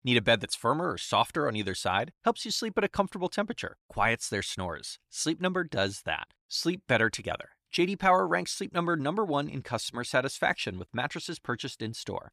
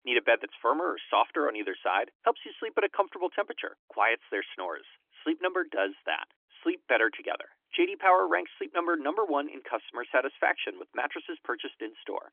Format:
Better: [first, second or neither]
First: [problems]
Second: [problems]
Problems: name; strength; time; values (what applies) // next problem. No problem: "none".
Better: first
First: none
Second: phone-call audio; nothing above 3.5 kHz